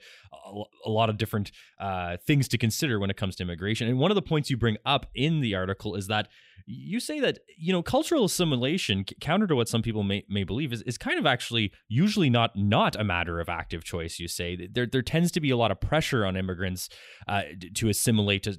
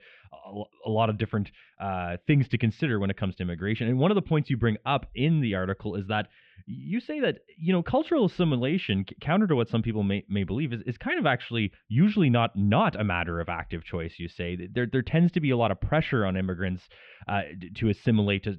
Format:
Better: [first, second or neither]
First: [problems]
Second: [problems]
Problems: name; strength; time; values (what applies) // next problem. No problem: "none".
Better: first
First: none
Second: muffled; very; fading above 3 kHz